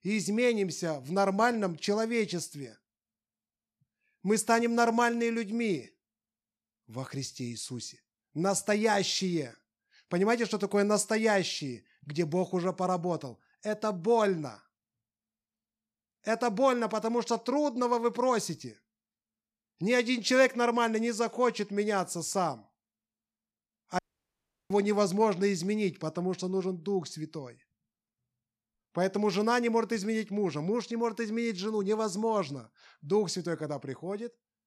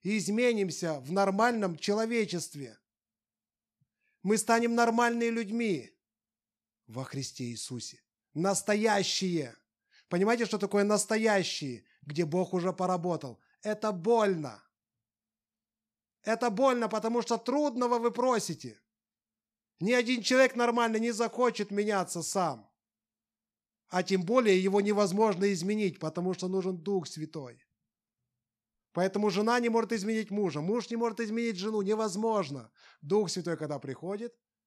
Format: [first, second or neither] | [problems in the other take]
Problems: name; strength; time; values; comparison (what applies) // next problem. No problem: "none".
second | audio cutting out; at 24 s for 0.5 s